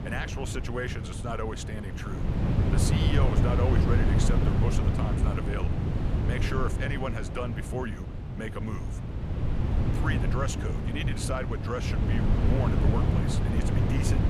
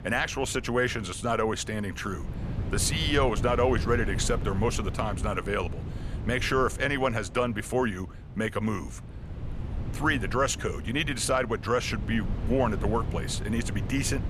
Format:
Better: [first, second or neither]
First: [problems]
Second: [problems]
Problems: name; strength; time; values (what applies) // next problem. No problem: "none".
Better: second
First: wind noise on the microphone; heavy; 2 dB below the speech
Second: wind noise on the microphone; occasional gusts; 15 dB below the speech